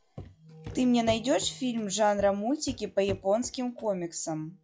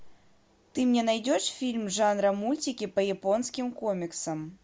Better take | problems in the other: second | noise reduction (classical method log-MMSE)

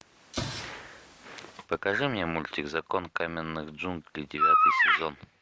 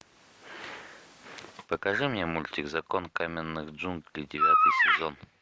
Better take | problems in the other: second | background sound (Explosion); 13 dB below the speech

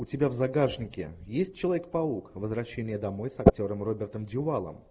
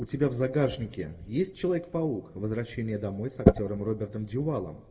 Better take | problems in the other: first | room echo; dies away in 0.9 s

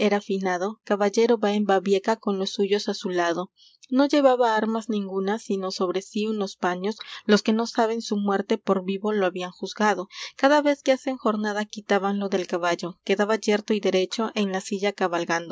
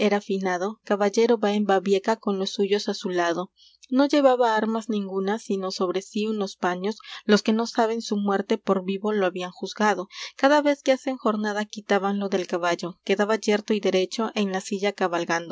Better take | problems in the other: second | noise reduction (neural mask model Resemble Enhance denoiser)

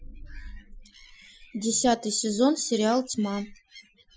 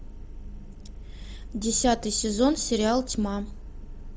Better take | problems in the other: second | noise reduction (classical method Wiener filter)

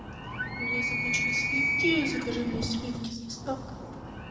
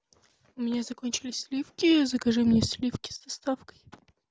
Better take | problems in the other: second | background sound (Animal); 2 dB above the speech // room echo; dies away in 2 s

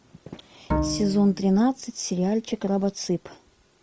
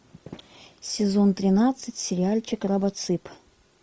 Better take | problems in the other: second | background sound (Bowed string instrument); 5 dB below the speech

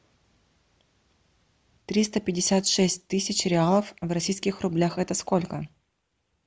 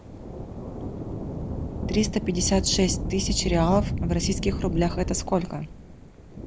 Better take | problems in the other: first | background sound (Thunder / Rain); 3 dB below the speech

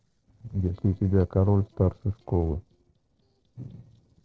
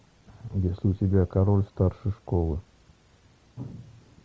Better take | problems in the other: second | noise reduction (neural separator model SepFormer DNS4)

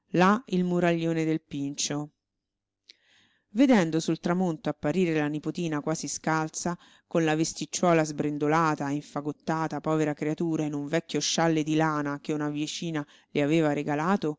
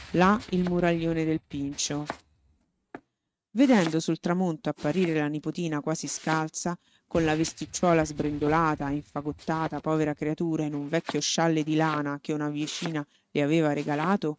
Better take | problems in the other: first | noise reduction (neural mask model RNNoise)

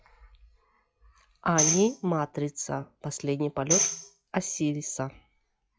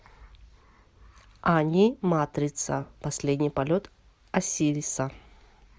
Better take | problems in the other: second | noise reduction (classical method log-MMSE)

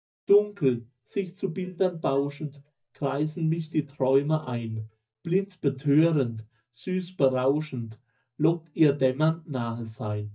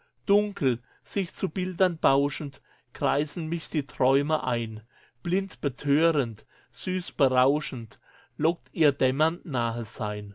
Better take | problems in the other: second | noise reduction (neural mask model DeepFilterNet 3)

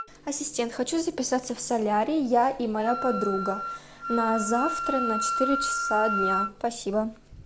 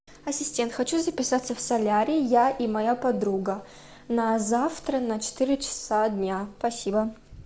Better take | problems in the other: second | background sound (Wind instrument, woodwind instrument); 5 dB below the speech

